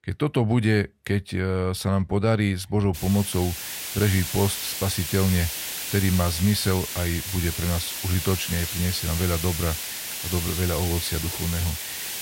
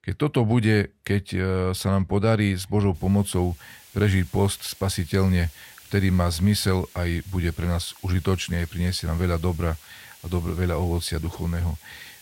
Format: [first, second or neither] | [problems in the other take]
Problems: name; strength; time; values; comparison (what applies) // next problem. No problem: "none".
second | hiss; loud; from 3 s on; 4 dB below the speech; faint in the second